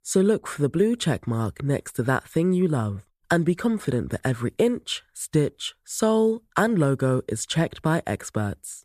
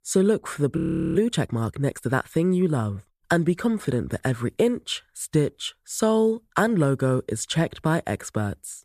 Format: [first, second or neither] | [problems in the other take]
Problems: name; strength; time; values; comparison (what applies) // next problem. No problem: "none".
first | audio freezing; at 1 s